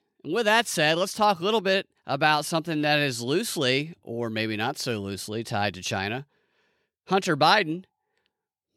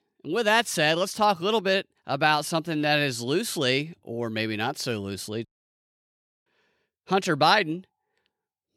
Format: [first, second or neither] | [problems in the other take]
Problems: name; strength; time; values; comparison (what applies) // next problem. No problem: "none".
first | audio cutting out; at 5.5 s for 1 s